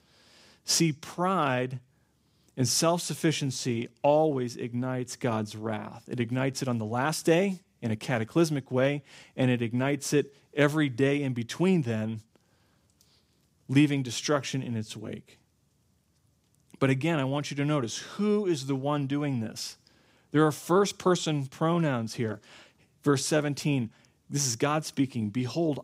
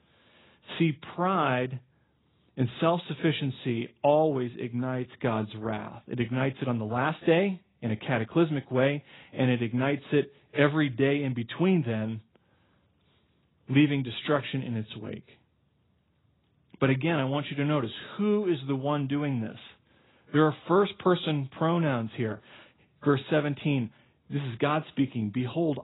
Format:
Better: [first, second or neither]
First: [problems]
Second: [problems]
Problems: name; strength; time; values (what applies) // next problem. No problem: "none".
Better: first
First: none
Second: garbled, watery; badly; nothing above 4 kHz